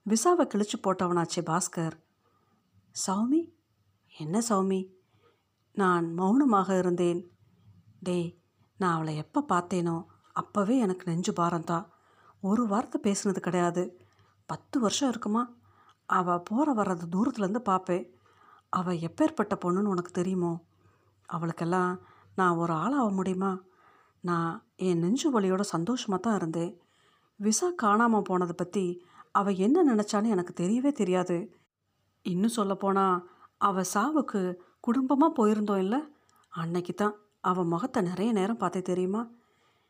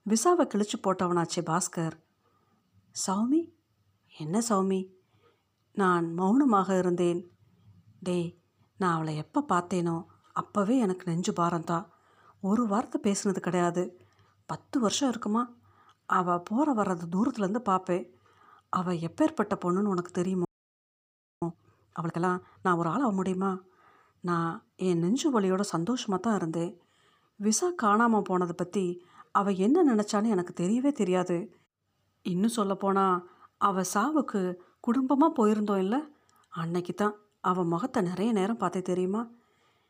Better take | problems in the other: first | audio freezing; at 20 s for 1 s

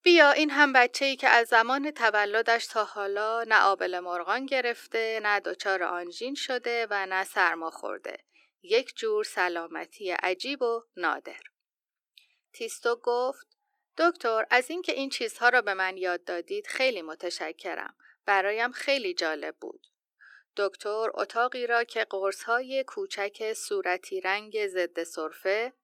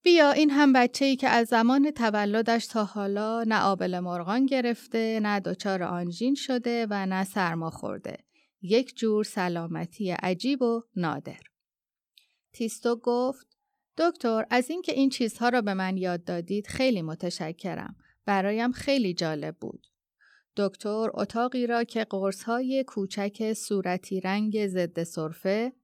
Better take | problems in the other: second | thin; very; fading below 350 Hz

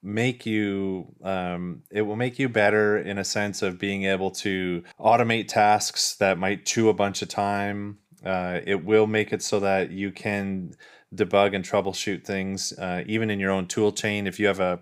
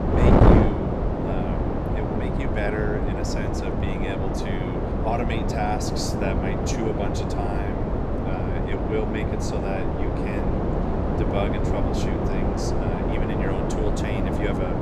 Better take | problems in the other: first | wind noise on the microphone; heavy; 4 dB above the speech

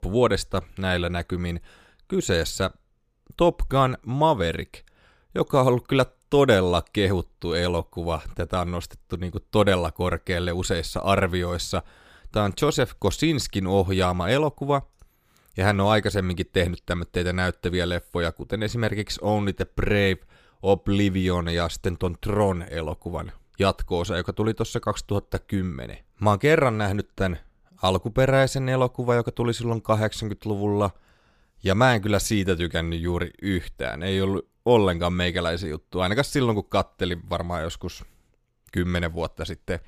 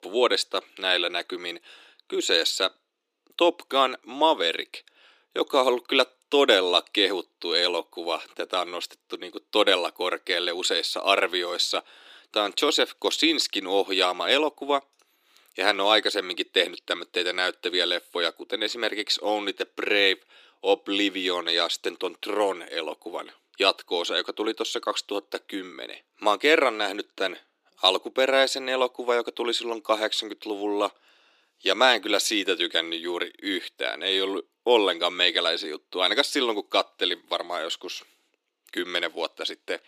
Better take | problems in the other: first | thin; somewhat; fading below 300 Hz

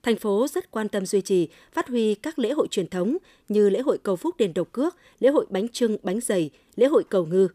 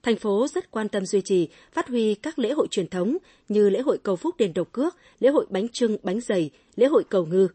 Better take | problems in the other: first | garbled, watery; slightly; nothing above 8 kHz

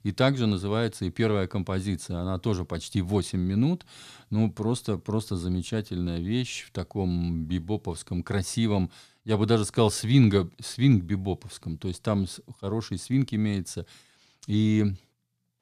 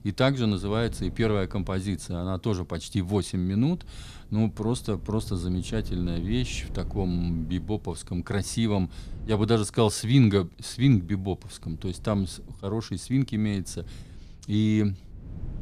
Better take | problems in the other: first | wind noise on the microphone; occasional gusts; 25 dB below the speech

